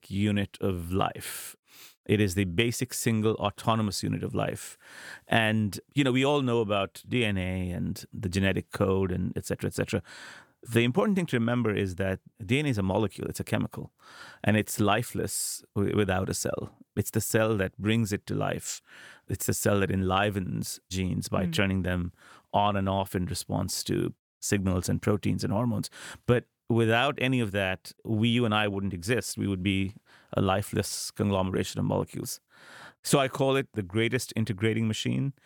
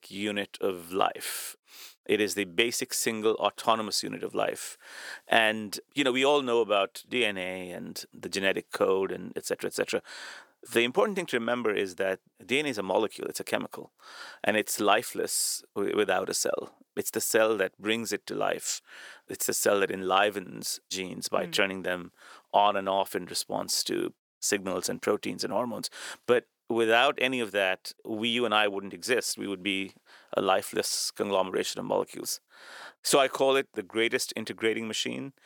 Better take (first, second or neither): first